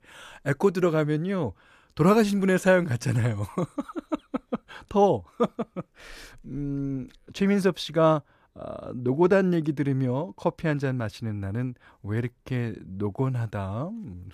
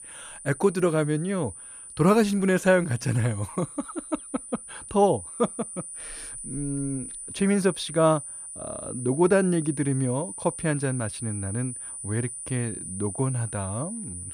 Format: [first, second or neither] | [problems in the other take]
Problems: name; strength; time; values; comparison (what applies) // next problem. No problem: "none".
first | high-pitched whine; loud; throughout; 9.5 kHz, 10 dB below the speech